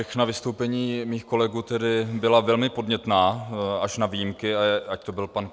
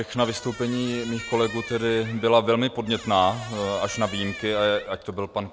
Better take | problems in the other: first | background sound (Squeak); 15 dB below the speech

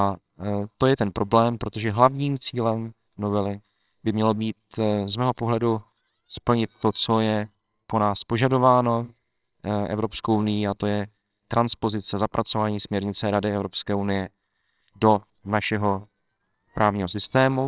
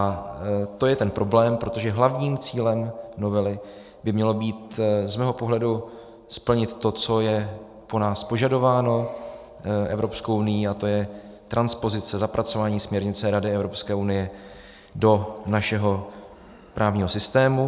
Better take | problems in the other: second | noise reduction (neural separator model SepFormer WHAMR!)

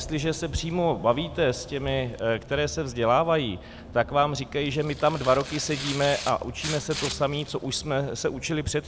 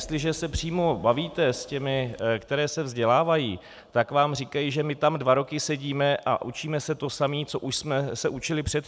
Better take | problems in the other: second | background sound (Tearing + Bus); 13 dB below the speech

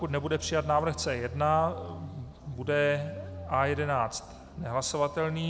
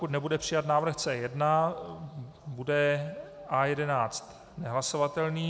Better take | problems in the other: second | background sound (Motorcycle); 13 dB below the speech

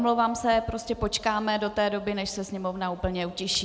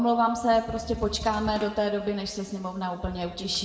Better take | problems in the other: first | background sound (Drum kit); 14 dB below the speech // room echo; dies away in 1.3 s

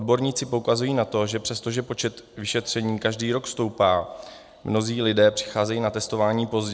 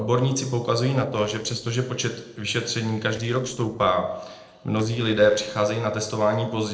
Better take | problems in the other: first | noise reduction (neural separator model SepFormer DNS4)

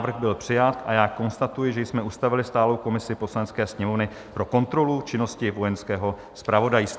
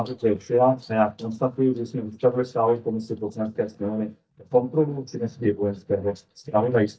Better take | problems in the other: first | noise reduction (neural mask model DeepFilterNet 3)

